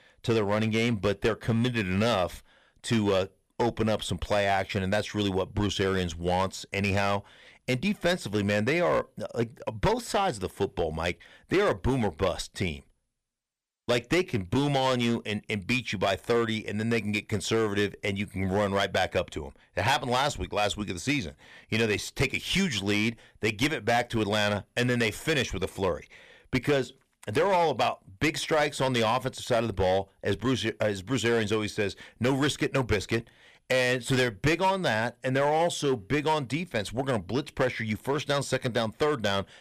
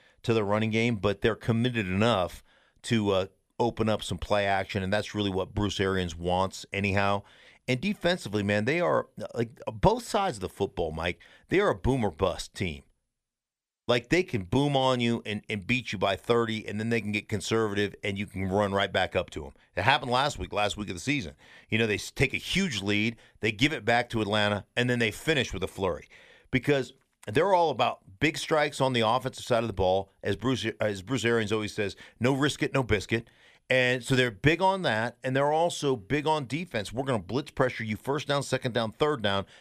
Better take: second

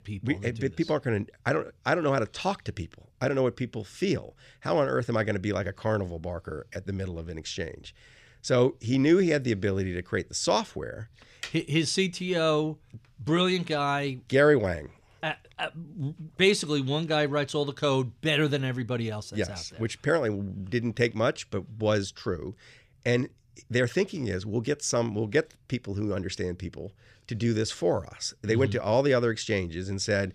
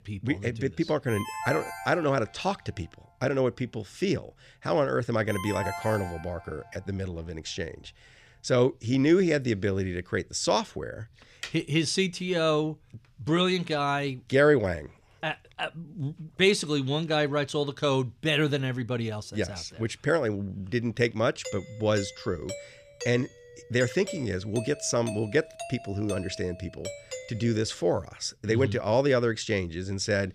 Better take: first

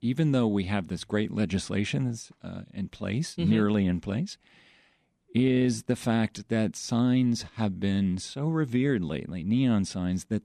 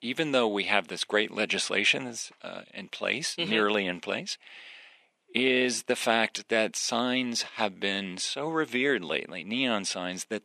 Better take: first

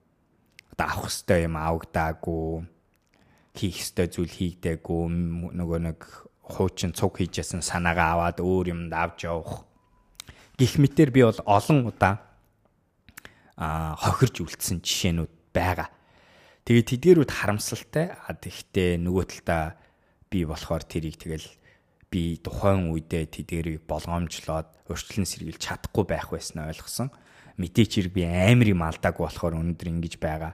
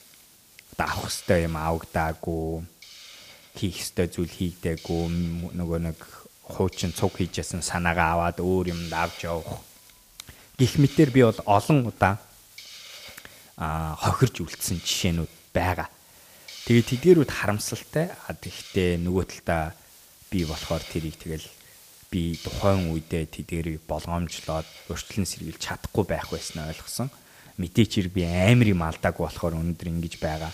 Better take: first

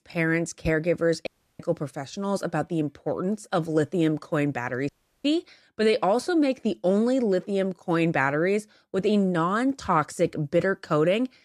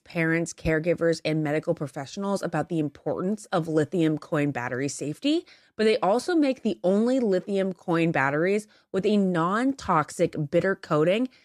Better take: second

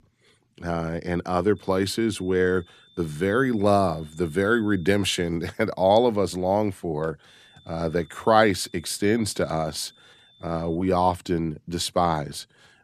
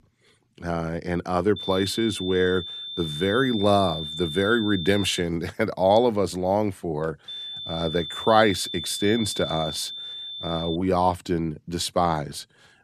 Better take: first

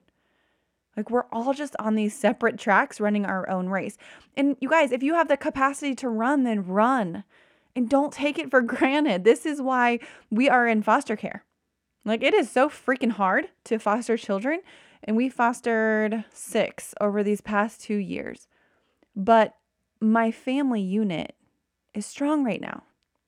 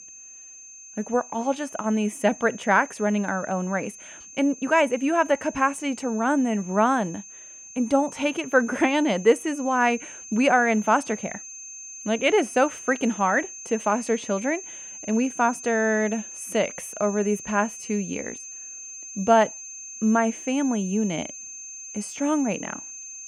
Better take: first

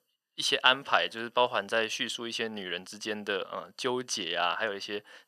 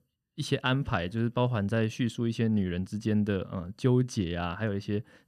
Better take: second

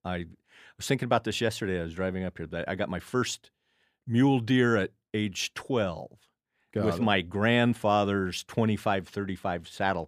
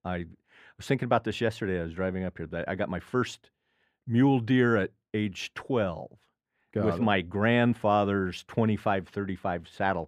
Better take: first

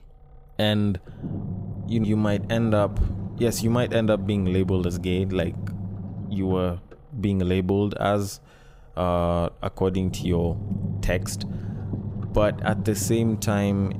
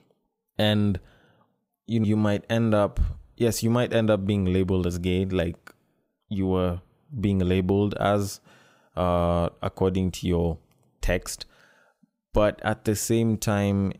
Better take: second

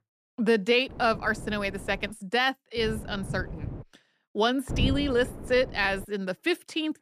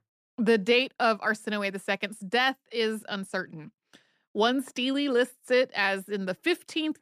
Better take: second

